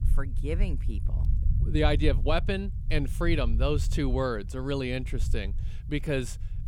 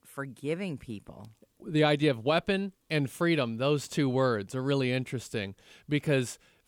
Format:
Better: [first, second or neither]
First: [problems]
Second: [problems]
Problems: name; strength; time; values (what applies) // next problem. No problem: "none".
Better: second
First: low rumble; noticeable; throughout; 15 dB below the speech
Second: none